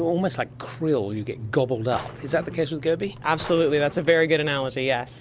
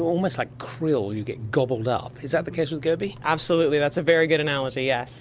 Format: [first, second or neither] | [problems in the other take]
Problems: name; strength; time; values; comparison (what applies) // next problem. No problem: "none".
second | background sound (Drawer open or close); 17 dB below the speech